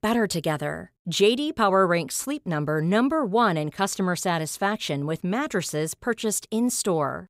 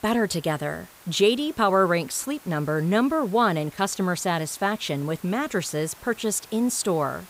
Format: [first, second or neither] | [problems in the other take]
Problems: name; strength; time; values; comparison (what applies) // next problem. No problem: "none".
first | hiss; faint; throughout; 25 dB below the speech